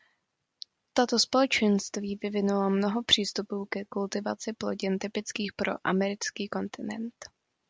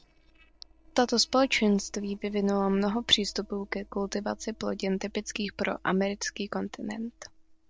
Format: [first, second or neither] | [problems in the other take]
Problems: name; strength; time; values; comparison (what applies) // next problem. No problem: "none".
first | noise reduction (neural separator model SepFormer DNS4)